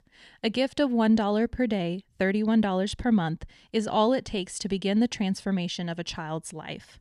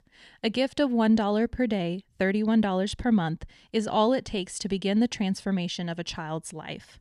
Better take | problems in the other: neither | none

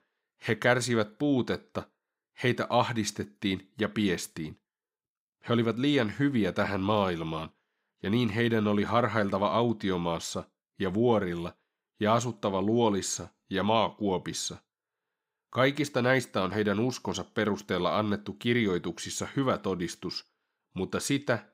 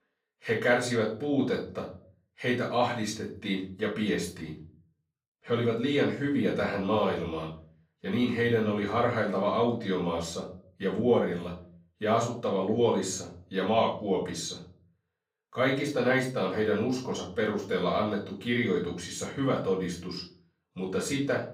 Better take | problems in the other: first | off-mic speech; far // room echo; slight; dies away in 0.4 s

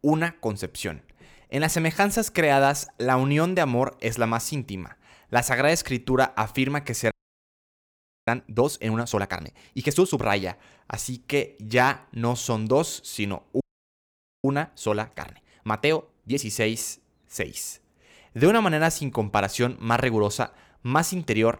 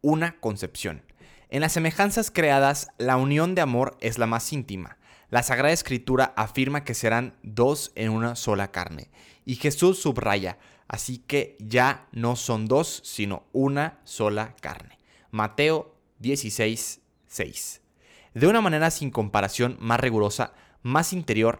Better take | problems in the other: second | audio freezing; at 7 s for 1 s and at 14 s for 1 s

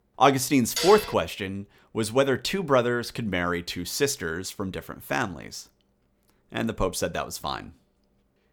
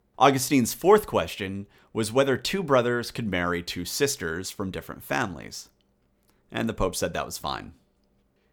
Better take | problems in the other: second | clattering dishes; noticeable; at 1 s; peak 2 dB below the speech

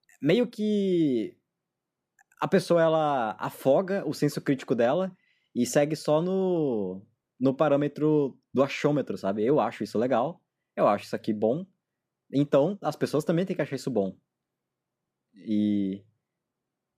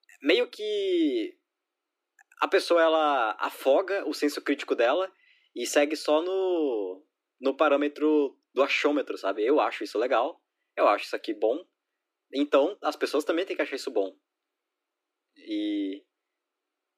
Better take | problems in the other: first | thin; very slightly; fading below 300 Hz

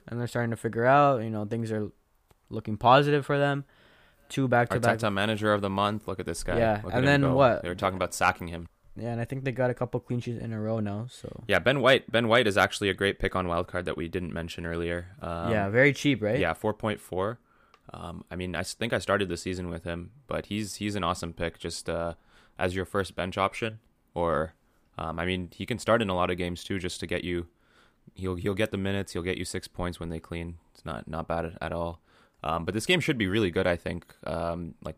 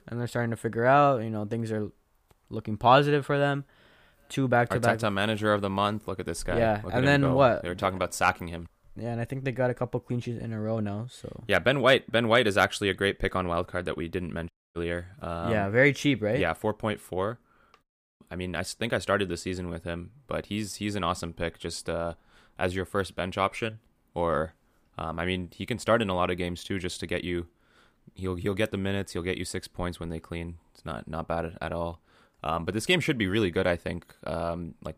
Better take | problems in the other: first | audio cutting out; at 15 s and at 18 s

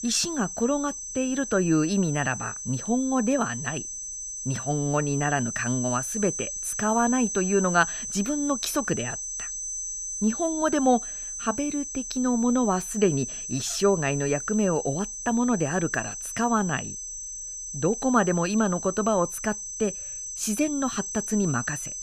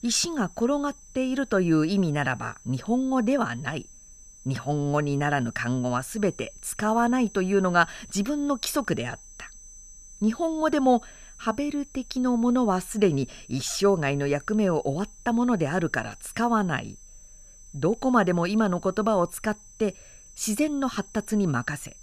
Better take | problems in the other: second | high-pitched whine; loud; throughout; 6 kHz, 6 dB below the speech; faint in the second

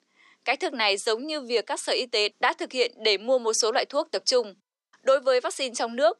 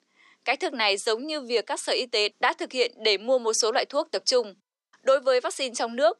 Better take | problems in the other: neither | thin; somewhat; fading below 550 Hz; the same in both

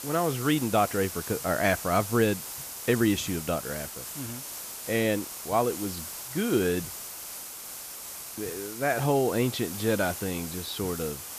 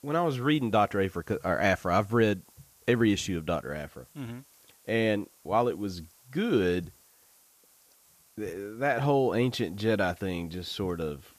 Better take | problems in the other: second | hiss; loud; throughout; 8 dB below the speech; faint in the second

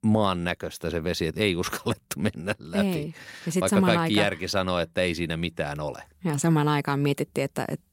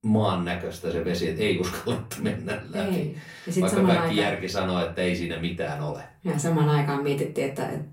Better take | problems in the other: first | off-mic speech; far // room echo; very slight; dies away in 0.3 s

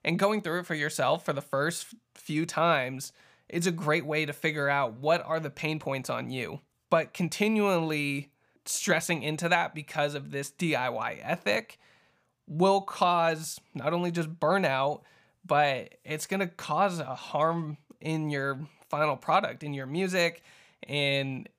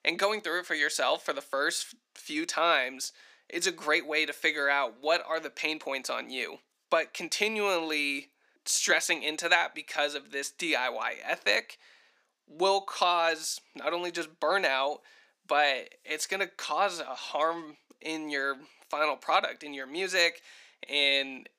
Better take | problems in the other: first | thin; somewhat; fading below 250 Hz

